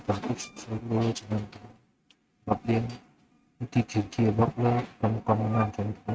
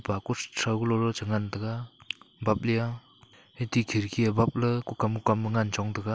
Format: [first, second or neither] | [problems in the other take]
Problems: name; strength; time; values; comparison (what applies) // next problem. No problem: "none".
second | noise reduction (neural mask model RNNoise)